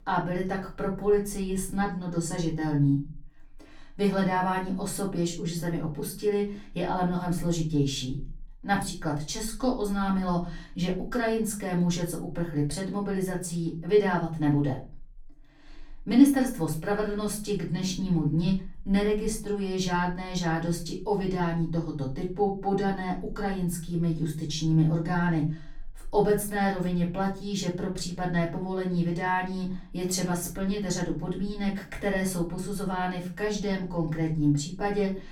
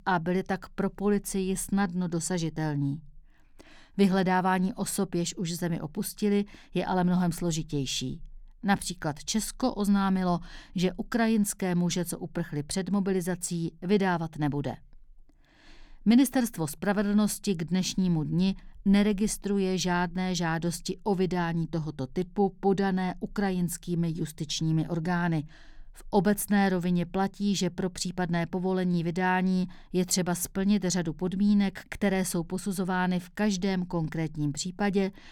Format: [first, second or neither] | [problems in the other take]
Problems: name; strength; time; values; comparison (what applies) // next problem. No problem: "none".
second | off-mic speech; far // room echo; slight; dies away in 0.3 s